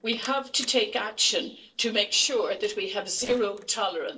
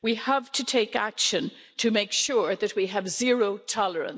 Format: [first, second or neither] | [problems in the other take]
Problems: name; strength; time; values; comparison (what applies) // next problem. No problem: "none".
second | noise reduction (neural separator model SepFormer DNS4)